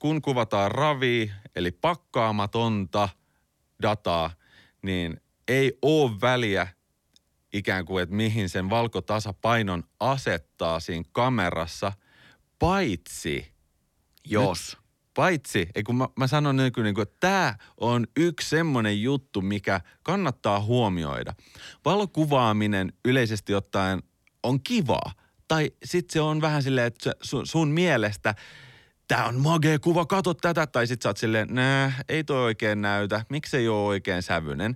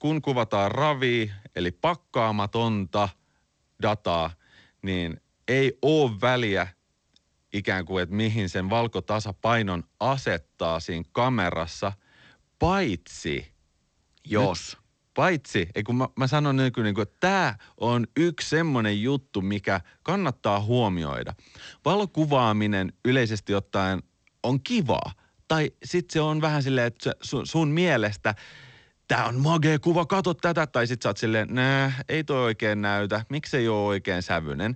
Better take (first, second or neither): first